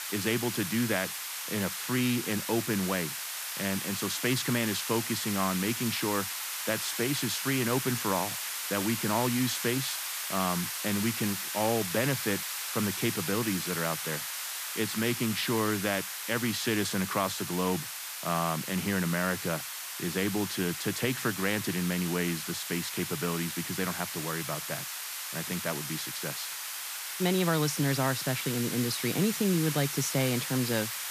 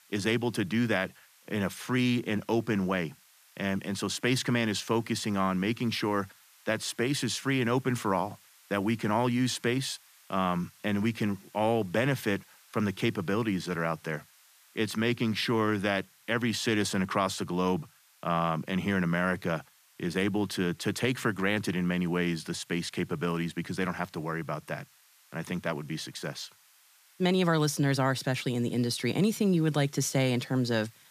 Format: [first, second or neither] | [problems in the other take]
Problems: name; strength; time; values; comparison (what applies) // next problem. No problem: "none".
second | hiss; loud; throughout; 3 dB below the speech; faint in the second